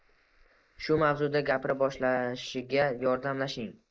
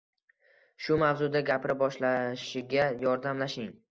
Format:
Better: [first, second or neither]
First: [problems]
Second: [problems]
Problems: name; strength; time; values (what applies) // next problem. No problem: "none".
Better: second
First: noise reduction (neural mask model Resemble Enhance denoiser)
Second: none